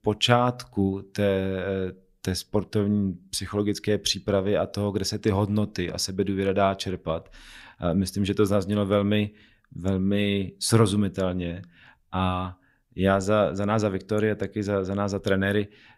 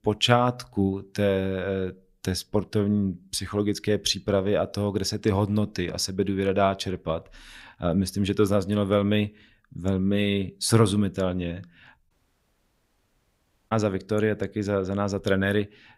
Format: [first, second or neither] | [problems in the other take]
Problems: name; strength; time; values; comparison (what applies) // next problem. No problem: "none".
first | audio cutting out; at 12 s for 1.5 s